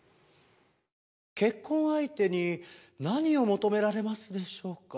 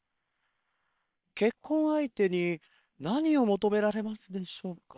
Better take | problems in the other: first | noise reduction (neural separator model SepFormer WHAM!)

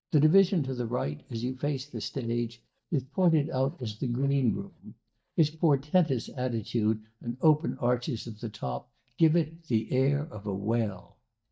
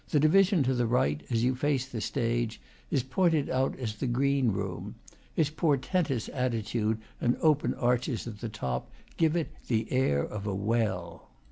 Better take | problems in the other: second | noise reduction (neural mask model DeepFilterNet 3)

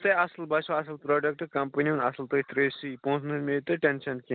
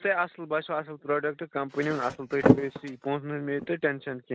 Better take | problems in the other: first | noise reduction (neural mask model RNNoise)

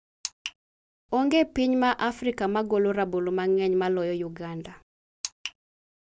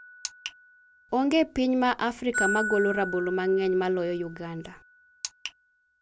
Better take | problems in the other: first | background sound (Glockenspiel); 9 dB below the speech

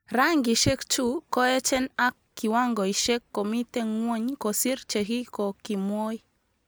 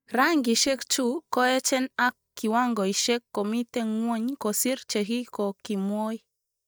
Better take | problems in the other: first | noise reduction (neural mask model DeepFilterNet 3)

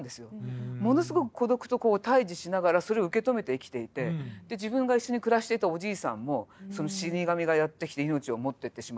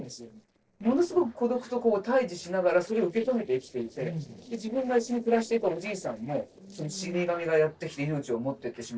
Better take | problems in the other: first | noise reduction (neural separator model SepFormer DNS4)

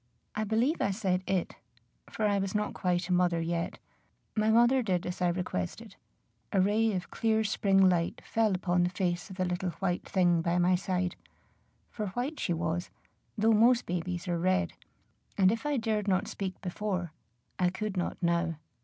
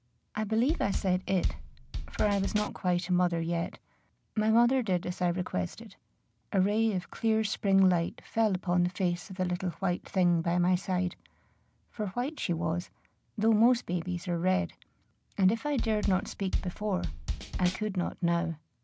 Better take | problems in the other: first | background sound (Drum kit); 4 dB below the speech

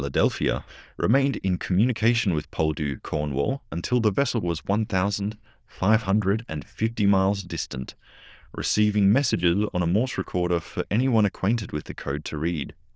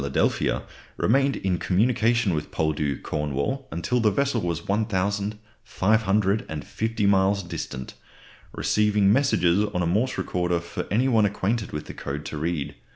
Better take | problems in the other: second | noise reduction (neural diffusion model UNIVERSE++)

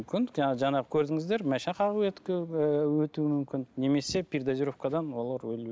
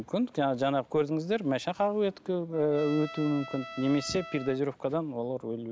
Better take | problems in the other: first | background sound (Trumpet); 16 dB below the speech

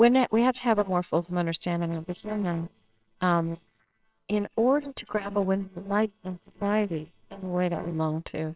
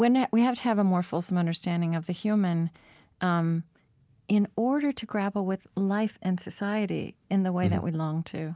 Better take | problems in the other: second | noise reduction (neural separator model SepFormer WHAMR!)

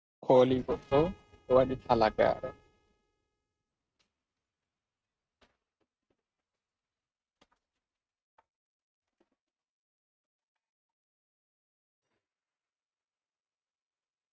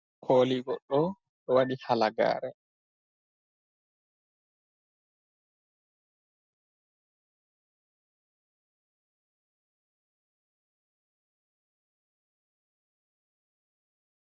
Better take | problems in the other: second | noise reduction (neural mask model RNNoise)

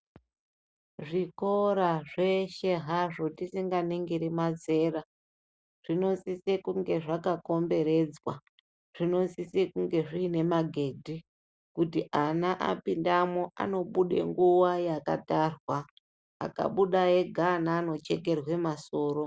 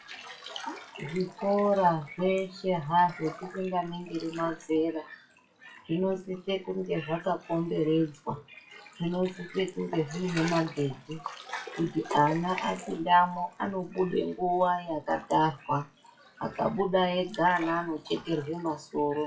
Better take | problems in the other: first | noise reduction (classical method WPE with log-MMSE)

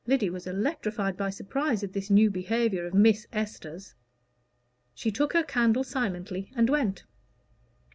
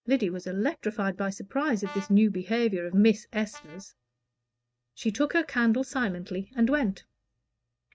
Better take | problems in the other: first | noise reduction (neural mask model RNNoise)

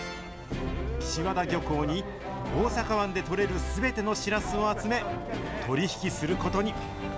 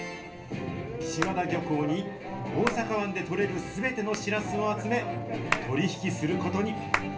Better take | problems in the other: first | background sound (Hands); 10 dB below the speech // room echo; dies away in 0.3 s

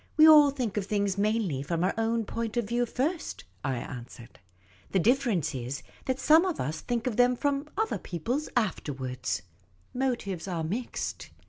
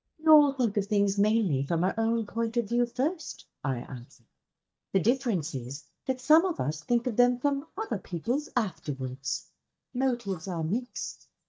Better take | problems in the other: first | noise reduction (neural mask model DeepFilterNet 3)

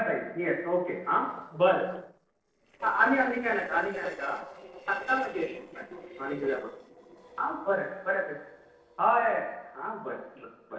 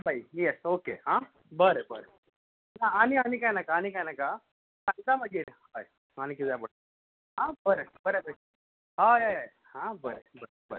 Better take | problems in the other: second | noise reduction (neural separator model SepFormer DNS4)

